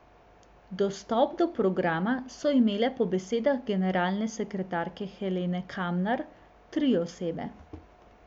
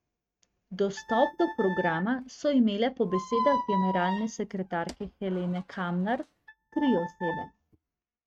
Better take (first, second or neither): first